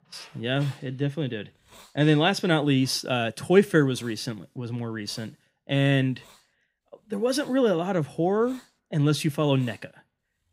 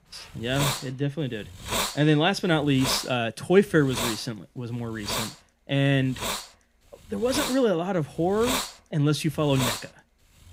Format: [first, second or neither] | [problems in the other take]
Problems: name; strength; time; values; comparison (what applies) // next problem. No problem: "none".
first | hiss; loud; throughout; 5 dB below the speech; faint in the first